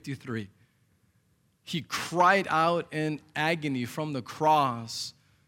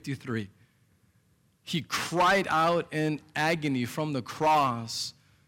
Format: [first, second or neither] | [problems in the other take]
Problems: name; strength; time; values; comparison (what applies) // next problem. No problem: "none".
first | distortion; slight; 3% of the sound clipped